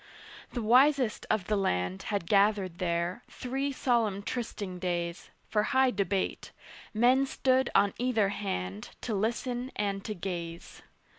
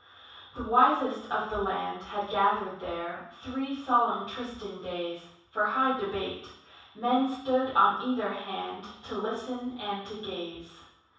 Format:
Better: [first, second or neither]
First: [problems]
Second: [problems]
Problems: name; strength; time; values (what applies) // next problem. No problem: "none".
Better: first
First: none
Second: room echo; dies away in 0.7 s